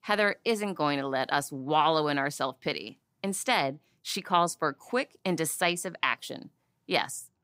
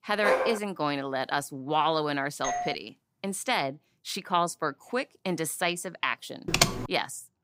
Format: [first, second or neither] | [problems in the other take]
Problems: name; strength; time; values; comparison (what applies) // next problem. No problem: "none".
first | dog barking; loud; at the start; peak 3 dB above the speech // doorbell; noticeable; at 2.5 s; peak 2 dB below the speech // keyboard typing; loud; at 6.5 s; peak 6 dB above the speech